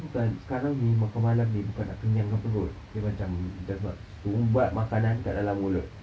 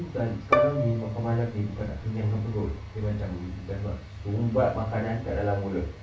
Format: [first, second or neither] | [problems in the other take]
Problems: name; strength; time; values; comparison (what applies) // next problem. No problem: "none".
first | background sound (Bowed string instrument); 3 dB below the speech // room echo; dies away in 0.3 s